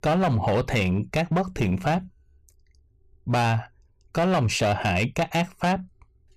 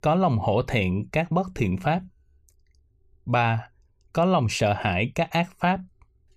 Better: second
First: distortion; slight; 10% of the sound clipped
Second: none

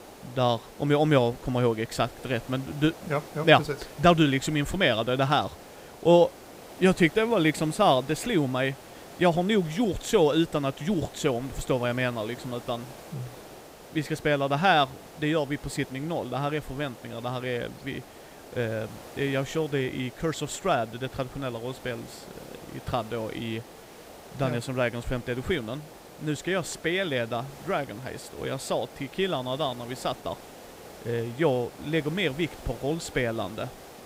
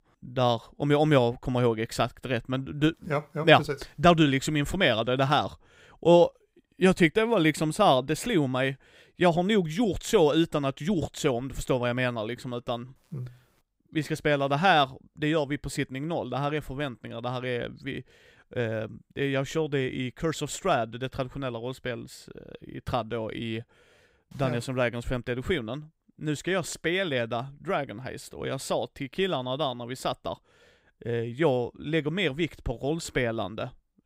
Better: second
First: hiss; noticeable; throughout; 20 dB below the speech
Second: none

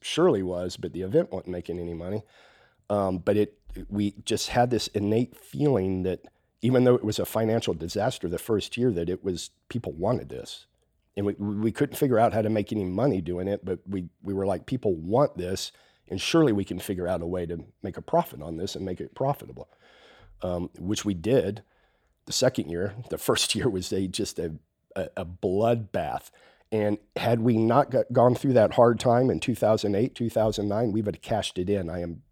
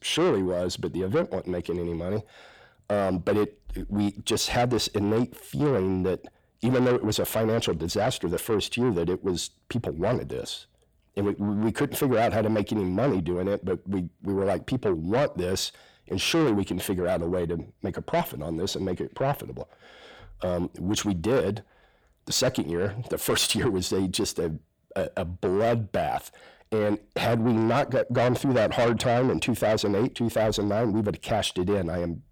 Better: first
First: none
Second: distortion; heavy; 7 dB below the speech

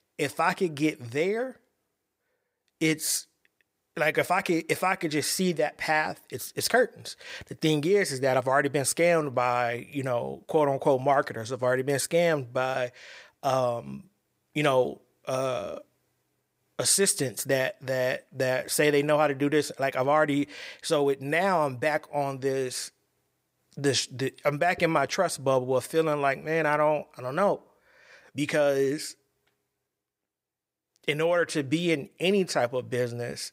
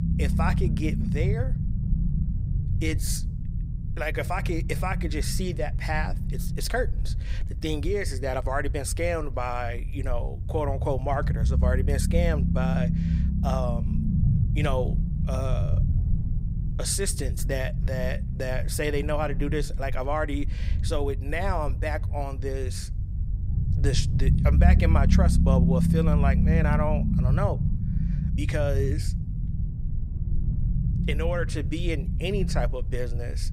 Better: first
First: none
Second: low rumble; loud; throughout; 8 dB below the speech

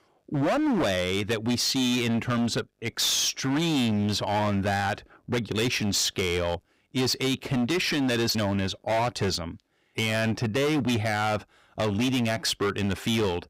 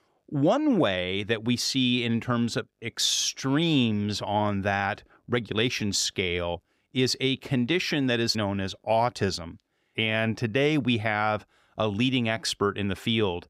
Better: second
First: distortion; heavy; 21% of the sound clipped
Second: none

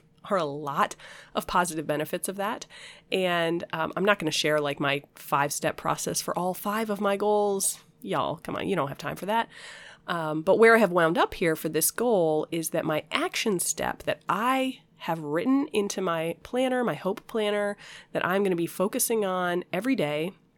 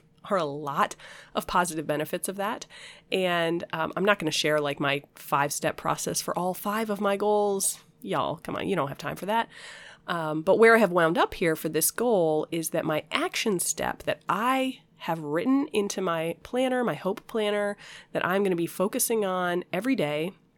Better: neither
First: none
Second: none

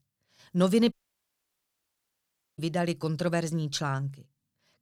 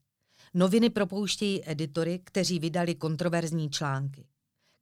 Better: second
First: audio cutting out; at 1 s for 1.5 s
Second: none

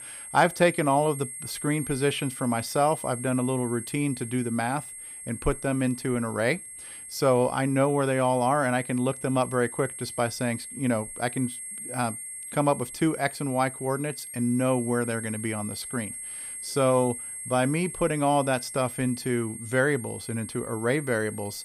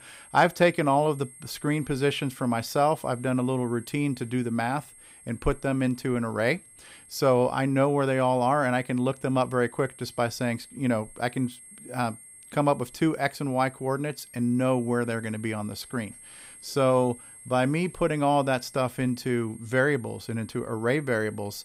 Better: second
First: high-pitched whine; loud; throughout; 8.5 kHz, 9 dB below the speech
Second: high-pitched whine; faint; throughout; 8.5 kHz, 20 dB below the speech

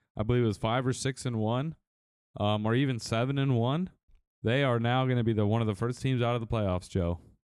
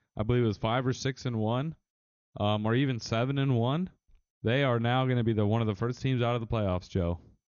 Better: first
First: none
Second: garbled, watery; slightly; nothing above 6.5 kHz

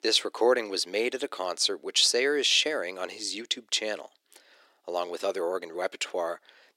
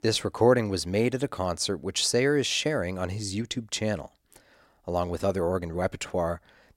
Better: second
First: thin; somewhat; fading below 350 Hz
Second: none

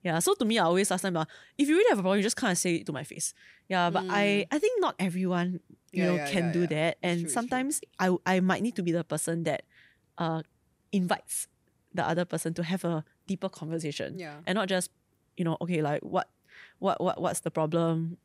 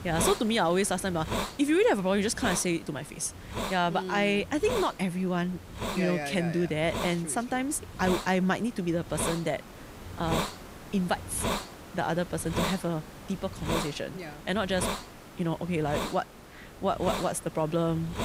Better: first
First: none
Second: hiss; loud; throughout; 7 dB below the speech

